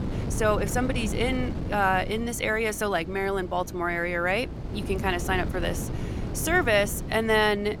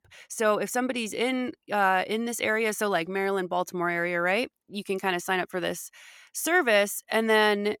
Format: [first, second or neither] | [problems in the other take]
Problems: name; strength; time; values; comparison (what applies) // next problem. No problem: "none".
second | wind noise on the microphone; occasional gusts; 15 dB below the speech